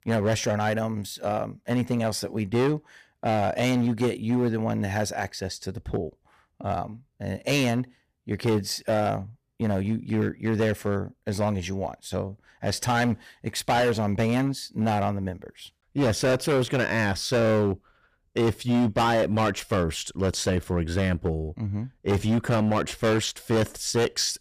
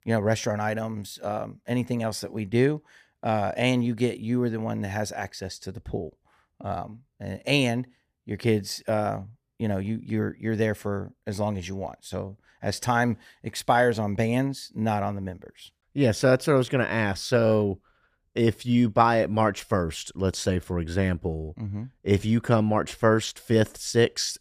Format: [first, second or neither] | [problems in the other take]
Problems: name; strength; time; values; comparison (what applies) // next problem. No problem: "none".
second | distortion; heavy; 10% of the sound clipped